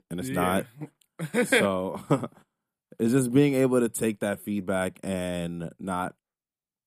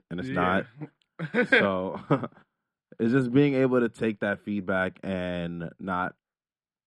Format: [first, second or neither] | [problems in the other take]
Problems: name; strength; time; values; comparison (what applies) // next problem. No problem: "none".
first | muffled; slightly; fading above 4 kHz